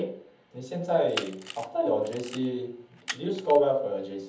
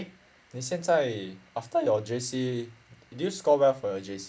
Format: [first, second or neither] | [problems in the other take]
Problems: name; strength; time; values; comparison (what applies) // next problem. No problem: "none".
second | background sound (Camera); 13 dB below the speech // room echo; dies away in 0.7 s